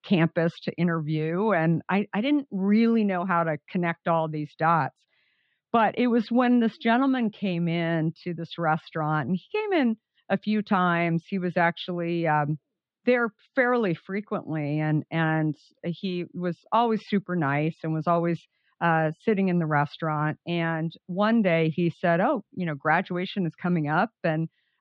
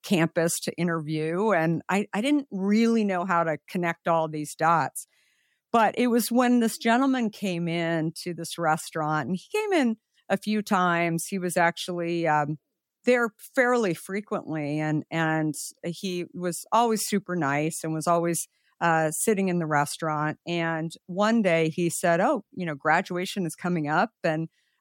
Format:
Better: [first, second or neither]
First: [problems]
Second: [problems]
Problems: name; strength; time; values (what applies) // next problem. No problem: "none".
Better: second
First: muffled; slightly; fading above 4 kHz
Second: none